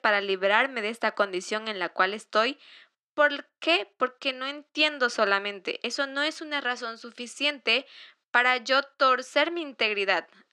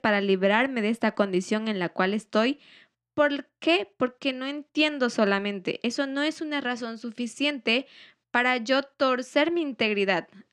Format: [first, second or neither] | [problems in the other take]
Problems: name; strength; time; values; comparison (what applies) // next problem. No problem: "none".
second | thin; somewhat; fading below 450 Hz